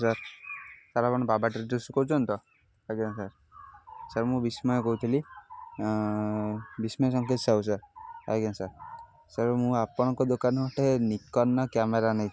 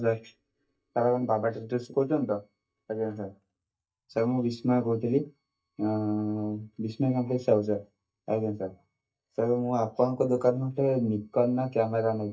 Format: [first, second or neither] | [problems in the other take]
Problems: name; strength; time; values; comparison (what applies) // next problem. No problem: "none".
first | noise reduction (neural mask model DeepFilterNet 3)